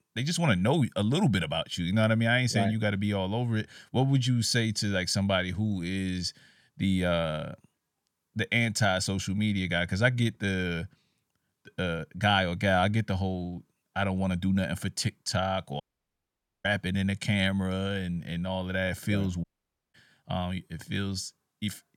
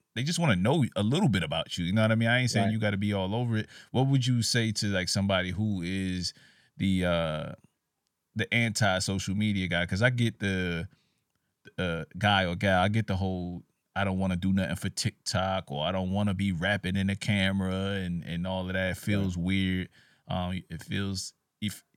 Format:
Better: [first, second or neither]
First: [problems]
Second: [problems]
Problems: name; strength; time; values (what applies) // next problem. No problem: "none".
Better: second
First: audio cutting out; at 16 s for 1 s and at 19 s for 0.5 s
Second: none